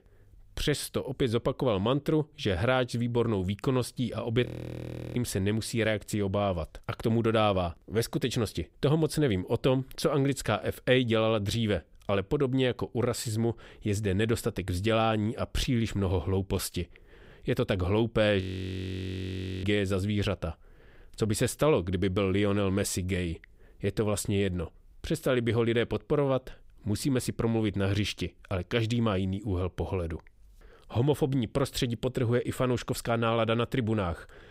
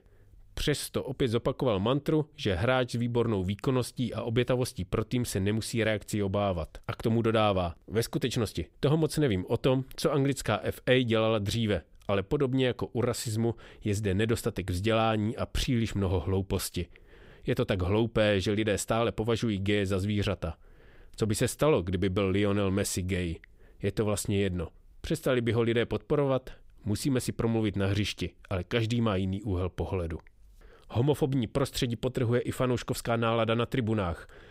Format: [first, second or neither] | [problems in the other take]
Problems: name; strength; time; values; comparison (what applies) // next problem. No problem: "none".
second | audio freezing; at 4.5 s for 0.5 s and at 18 s for 1 s